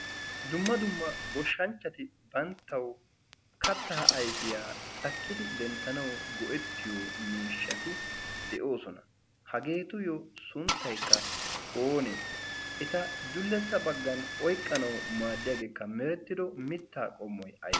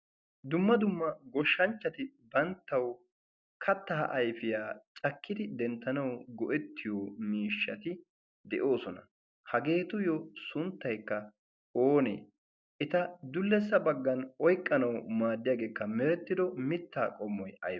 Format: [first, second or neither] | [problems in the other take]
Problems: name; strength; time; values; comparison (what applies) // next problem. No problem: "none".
second | background sound (Engine starting / Car); 2 dB below the speech